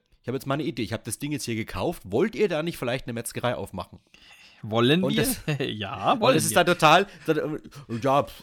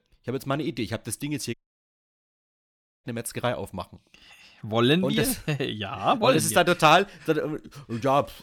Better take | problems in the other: first | audio cutting out; at 1.5 s for 1.5 s

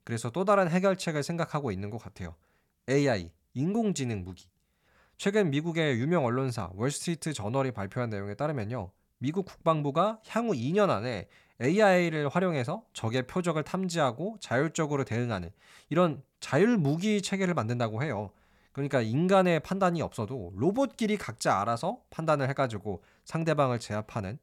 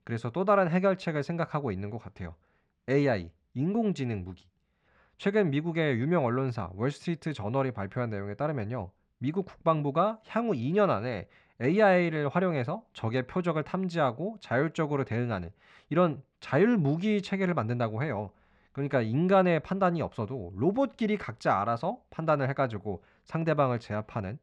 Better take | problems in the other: first | muffled; slightly; fading above 3 kHz

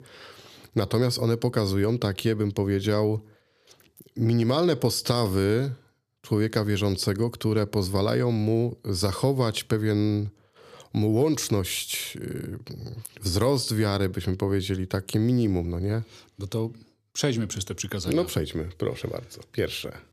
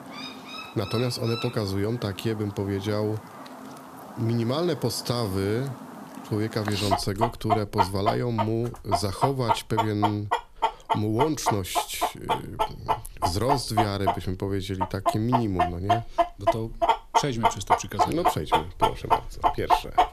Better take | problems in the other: first | animal sounds; very loud; throughout; 1 dB above the speech

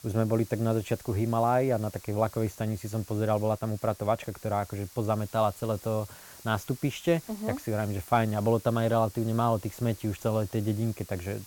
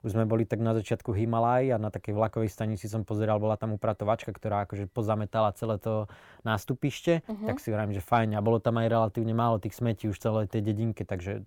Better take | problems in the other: second | hiss; noticeable; throughout; 20 dB below the speech

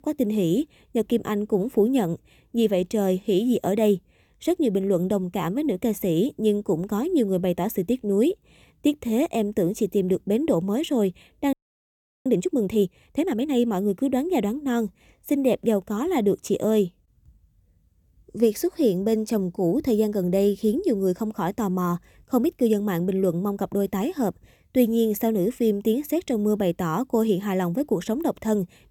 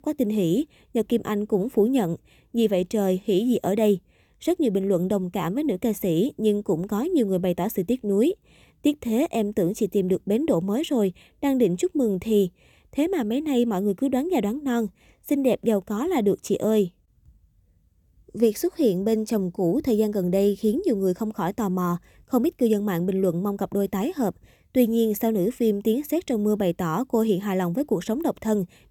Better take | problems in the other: second | audio freezing; at 12 s for 0.5 s

